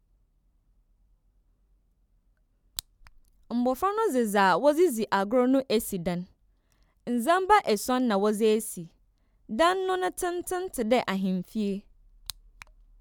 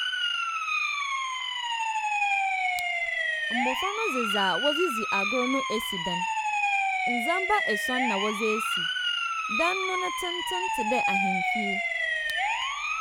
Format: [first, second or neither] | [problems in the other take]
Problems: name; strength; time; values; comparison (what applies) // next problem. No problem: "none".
first | background sound (Siren); 5 dB above the speech